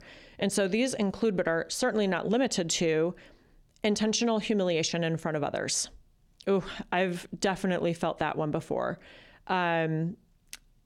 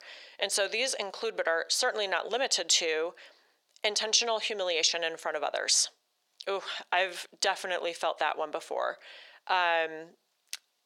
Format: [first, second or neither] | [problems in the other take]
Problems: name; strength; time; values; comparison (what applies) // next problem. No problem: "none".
first | thin; very; fading below 550 Hz